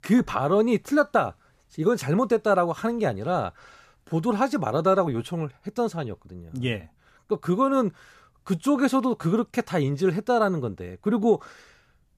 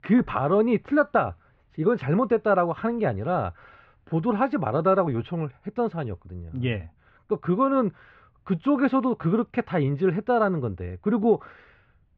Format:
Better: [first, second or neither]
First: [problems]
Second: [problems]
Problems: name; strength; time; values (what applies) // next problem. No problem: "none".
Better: first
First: none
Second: muffled; very; fading above 3 kHz